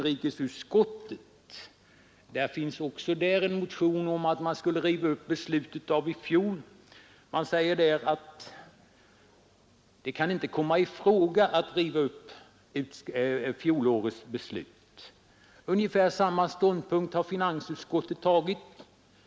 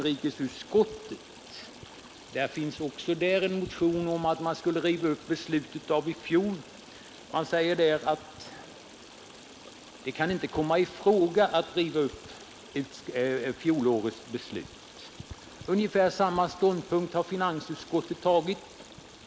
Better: first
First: none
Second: background sound (Stream); 19 dB below the speech

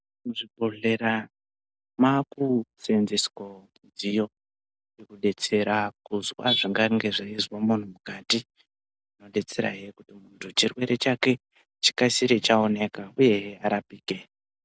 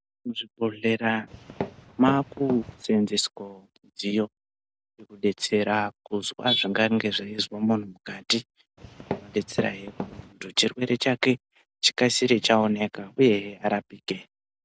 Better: first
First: none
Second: background sound (Walk, footsteps); 9 dB below the speech

